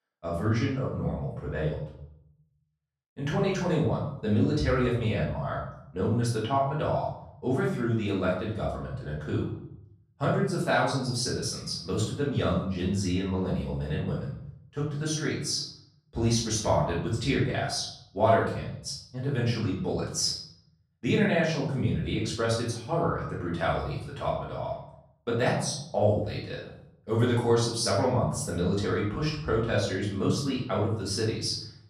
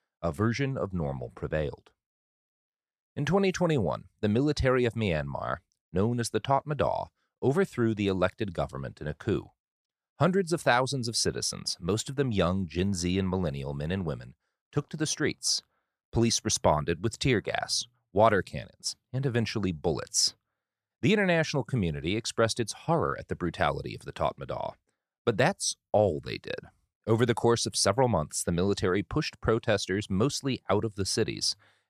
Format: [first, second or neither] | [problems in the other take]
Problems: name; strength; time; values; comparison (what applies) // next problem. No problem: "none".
second | off-mic speech; far // room echo; noticeable; dies away in 0.7 s